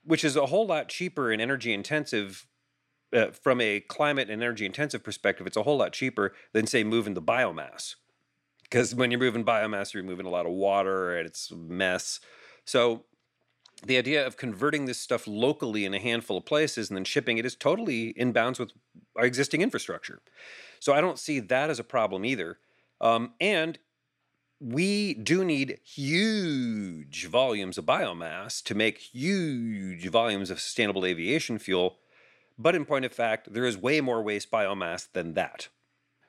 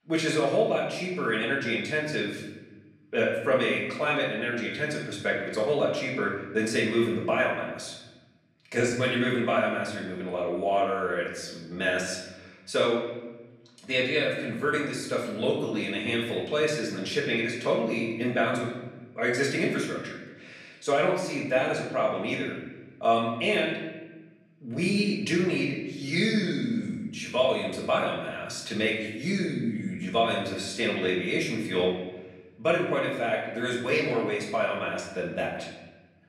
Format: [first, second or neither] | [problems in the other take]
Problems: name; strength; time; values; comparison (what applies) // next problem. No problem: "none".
first | off-mic speech; far // room echo; noticeable; dies away in 1.1 s